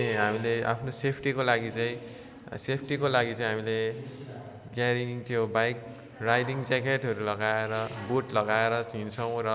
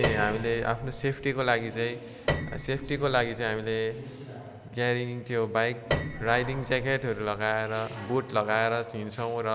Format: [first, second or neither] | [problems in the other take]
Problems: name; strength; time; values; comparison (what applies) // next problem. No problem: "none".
first | background sound (Piano); 7 dB below the speech